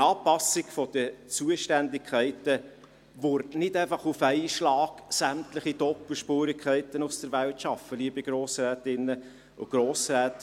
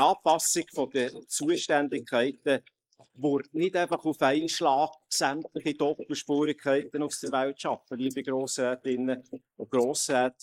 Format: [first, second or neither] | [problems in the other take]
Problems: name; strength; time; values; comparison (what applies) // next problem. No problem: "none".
first | noise reduction (neural mask model Resemble Enhance denoiser)